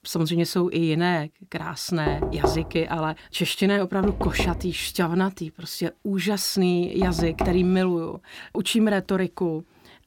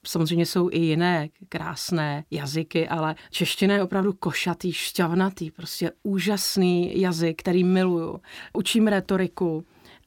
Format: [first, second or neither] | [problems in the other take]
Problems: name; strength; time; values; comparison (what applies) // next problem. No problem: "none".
second | door banging; noticeable; from 2 to 7.5 s; peak level with the speech